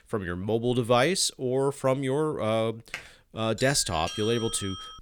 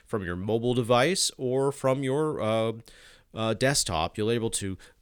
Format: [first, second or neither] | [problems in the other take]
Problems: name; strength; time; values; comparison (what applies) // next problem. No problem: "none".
second | keyboard typing; faint; at 3 s; peak 15 dB below the speech // doorbell; noticeable; from 3.5 s on; peak 9 dB below the speech